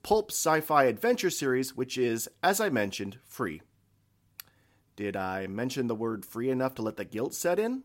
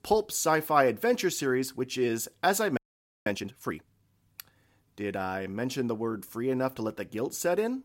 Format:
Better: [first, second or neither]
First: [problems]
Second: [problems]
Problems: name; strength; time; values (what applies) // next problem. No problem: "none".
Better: first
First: none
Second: audio freezing; at 3 s